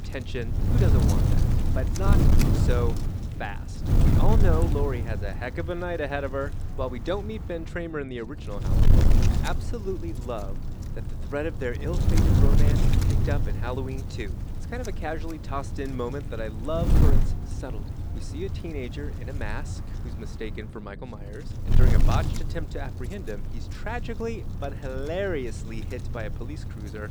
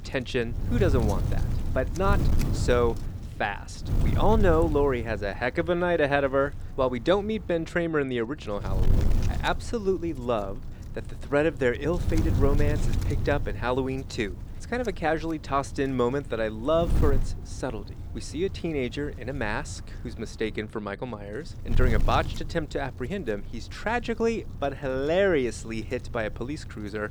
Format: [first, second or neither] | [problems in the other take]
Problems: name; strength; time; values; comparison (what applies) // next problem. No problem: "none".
second | wind noise on the microphone; heavy; 4 dB below the speech; occasional gusts in the second